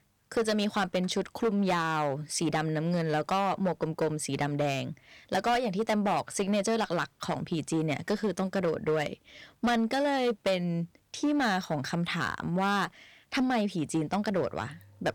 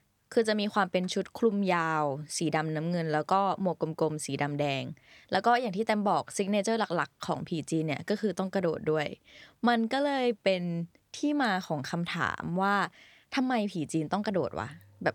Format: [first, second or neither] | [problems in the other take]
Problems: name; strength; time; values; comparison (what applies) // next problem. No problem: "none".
second | distortion; slight; 8% of the sound clipped